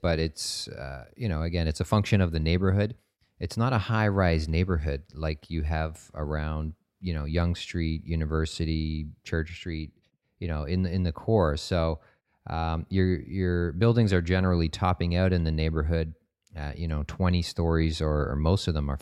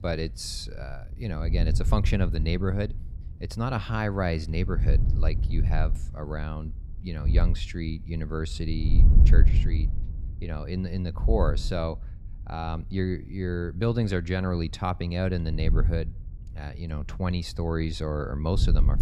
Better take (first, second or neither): first